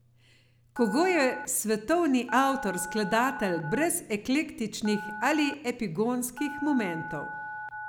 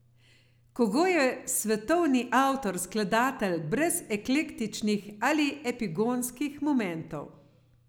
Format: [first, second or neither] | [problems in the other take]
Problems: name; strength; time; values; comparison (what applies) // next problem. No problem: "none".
second | background sound (Telephone); 12 dB below the speech